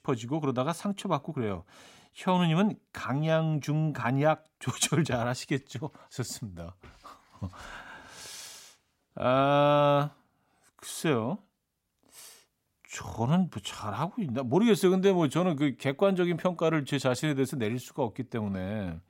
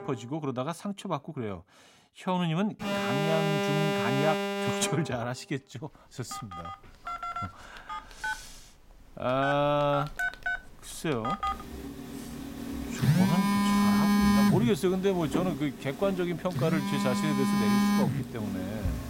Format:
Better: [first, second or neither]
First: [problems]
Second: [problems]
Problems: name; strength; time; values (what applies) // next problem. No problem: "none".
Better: first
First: none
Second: alarms or sirens; very loud; throughout; 2 dB above the speech